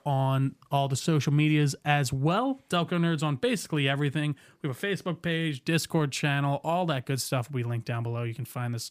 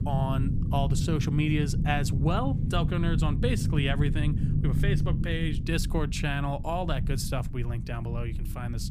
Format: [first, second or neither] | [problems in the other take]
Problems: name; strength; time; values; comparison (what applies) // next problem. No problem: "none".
first | low rumble; loud; throughout; 8 dB below the speech